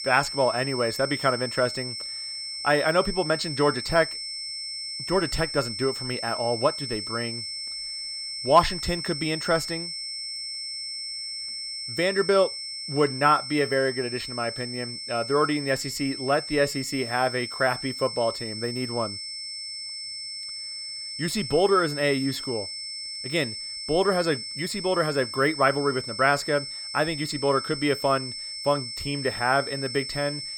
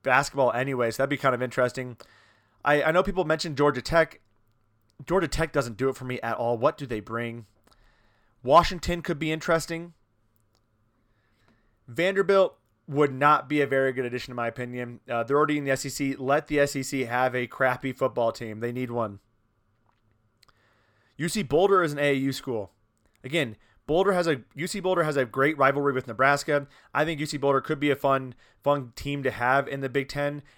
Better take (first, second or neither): second